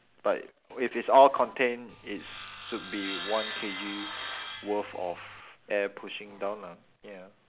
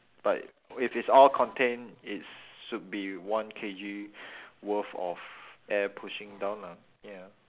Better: second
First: background sound (Sawing); 10 dB below the speech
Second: none

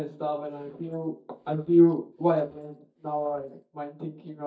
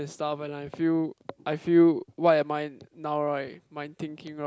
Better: second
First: noise reduction (neural mask model DeepFilterNet 3)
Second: none

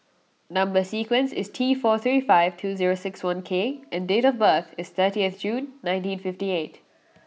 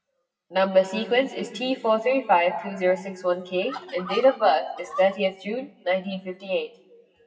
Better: first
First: none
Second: noise reduction (classical method WPE with log-MMSE)

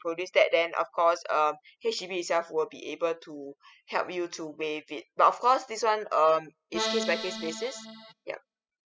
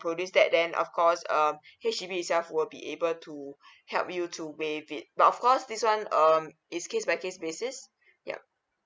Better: second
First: noise reduction (classical method spectral subtraction)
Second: none

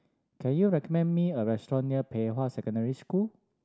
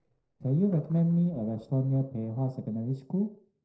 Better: first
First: none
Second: noise reduction (neural separator model SepFormer DNS4)

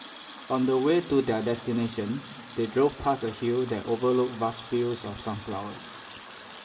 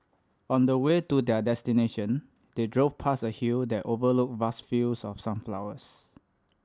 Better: second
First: background sound (Water tap, faucet); 16 dB below the speech // room echo; dies away in 1.9 s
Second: none

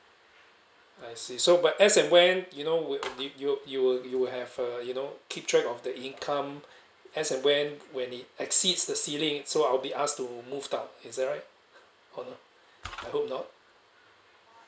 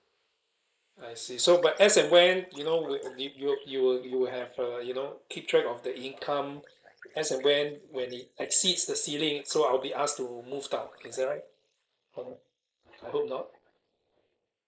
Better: first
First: none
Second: noise reduction (neural mask model Resemble Enhance denoiser)

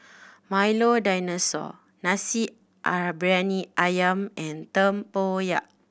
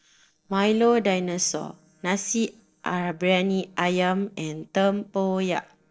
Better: first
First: none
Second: noise reduction (neural separator model SepFormer DNS4)

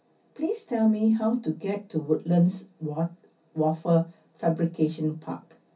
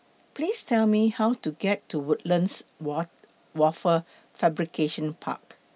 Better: second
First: room echo; dies away in 0.3 s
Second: none

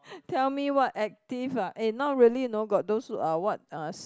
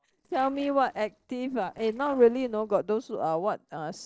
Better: first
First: none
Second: noise reduction (neural separator model SepFormer DNS4)

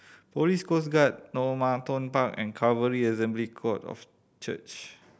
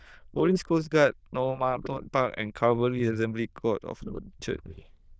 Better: first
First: none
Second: noise reduction (neural diffusion model UNIVERSE++)

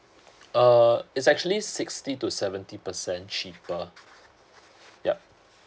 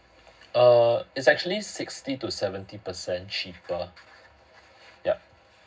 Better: first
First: none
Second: room echo; dies away in 0.4 s

